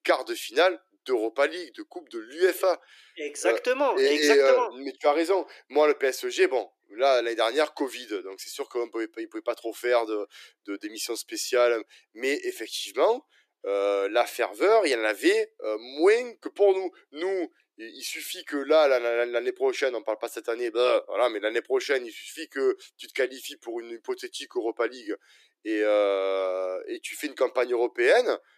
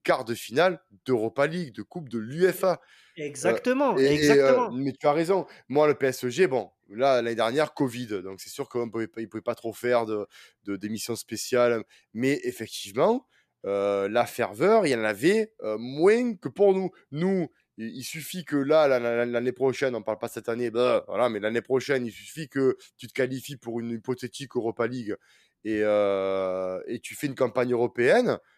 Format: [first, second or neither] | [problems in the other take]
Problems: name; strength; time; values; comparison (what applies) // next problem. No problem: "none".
second | thin; somewhat; fading below 300 Hz